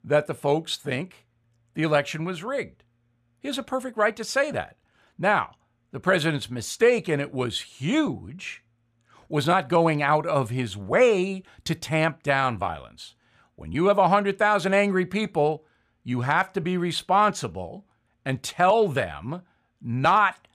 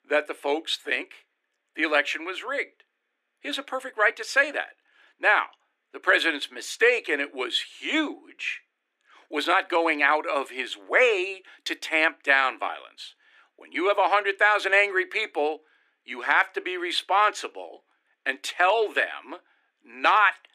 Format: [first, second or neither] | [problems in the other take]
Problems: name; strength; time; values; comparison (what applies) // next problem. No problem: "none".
first | thin; somewhat; fading below 300 Hz